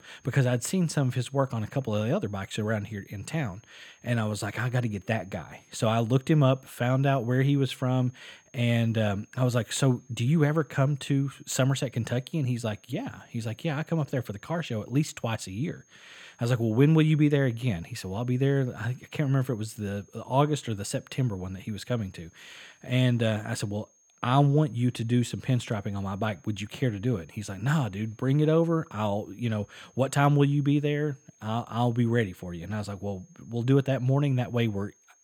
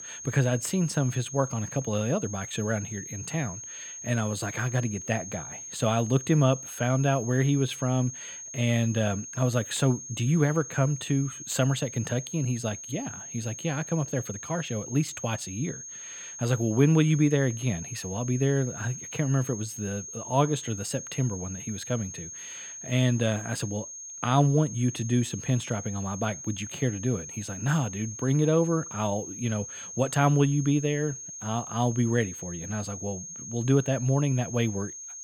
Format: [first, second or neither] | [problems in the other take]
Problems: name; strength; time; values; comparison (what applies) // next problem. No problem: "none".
first | high-pitched whine; loud; throughout; 6.5 kHz, 10 dB below the speech; faint in the first